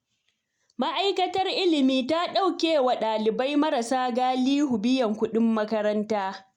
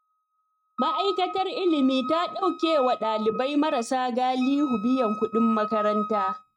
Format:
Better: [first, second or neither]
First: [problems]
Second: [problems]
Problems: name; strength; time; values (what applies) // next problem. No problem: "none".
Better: first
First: none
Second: noise reduction (neural mask model RNNoise)